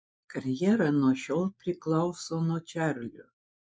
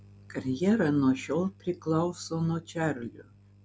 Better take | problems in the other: second | noise reduction (neural mask model Resemble Enhance denoiser)

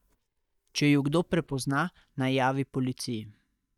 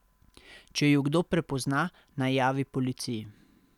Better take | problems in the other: second | noise reduction (neural mask model DeepFilterNet 3)

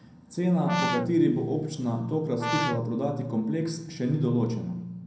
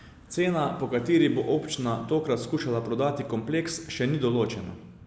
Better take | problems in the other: second | background sound (Brass instrument); 5 dB below the speech // room echo; dies away in 0.6 s

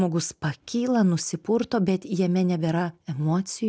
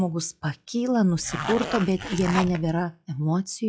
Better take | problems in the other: first | noise reduction (classical method log-MMSE)

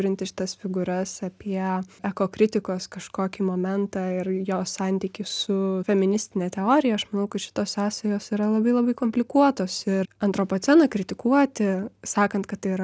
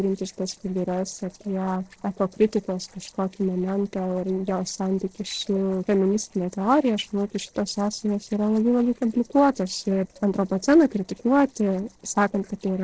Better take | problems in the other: first | noise reduction (neural separator model SepFormer DNS4)

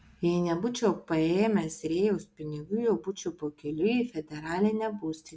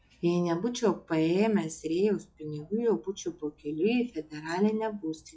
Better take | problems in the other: first | noise reduction (classical method log-MMSE)

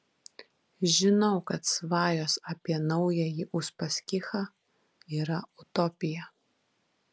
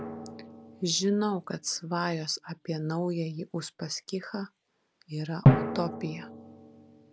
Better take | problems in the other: first | background sound (Drum); 1 dB above the speech

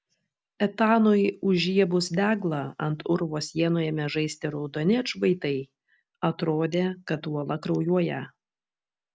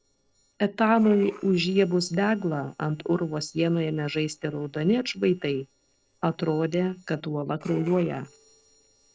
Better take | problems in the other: first | noise reduction (neural separator model SepFormer DNS4)

